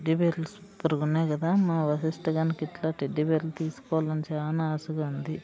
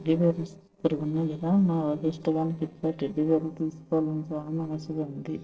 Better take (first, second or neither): first